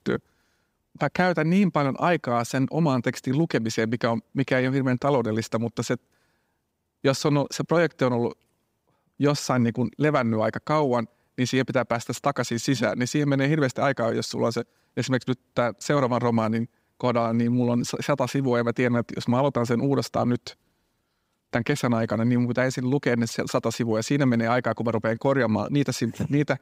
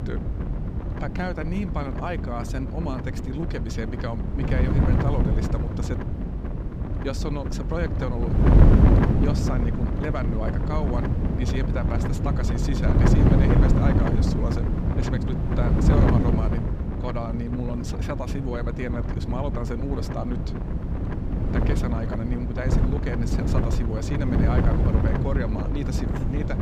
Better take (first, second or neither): first